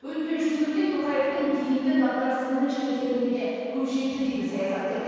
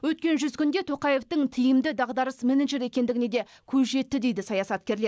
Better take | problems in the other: second | room echo; dies away in 2.2 s

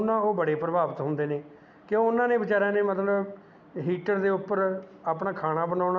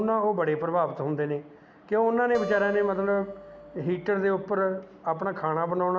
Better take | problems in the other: first | background sound (Acoustic guitar); 14 dB below the speech

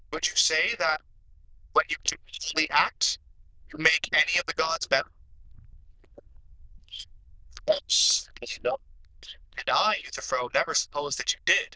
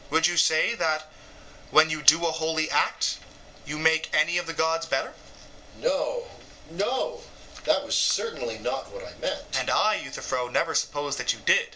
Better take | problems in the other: second | noise reduction (neural diffusion model UNIVERSE++)

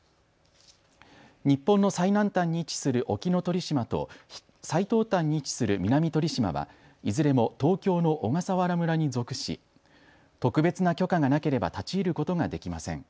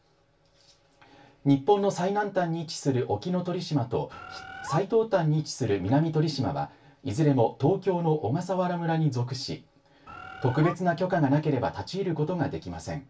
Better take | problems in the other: first | background sound (Bird); 12 dB below the speech // room echo; dies away in 0.2 s

